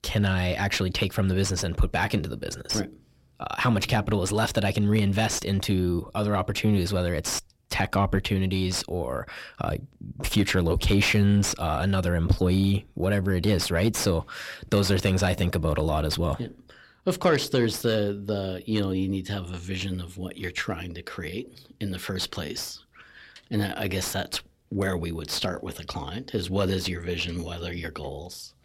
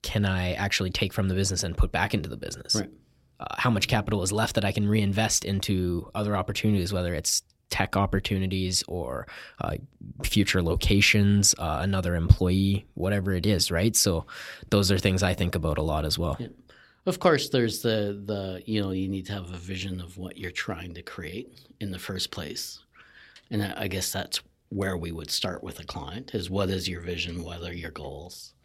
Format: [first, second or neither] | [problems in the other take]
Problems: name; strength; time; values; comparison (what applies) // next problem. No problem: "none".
second | distortion; slight; 10 dB below the speech